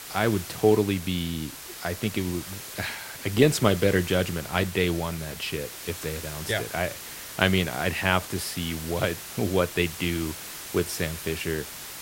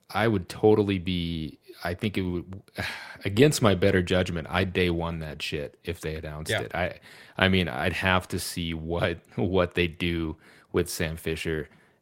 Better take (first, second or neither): second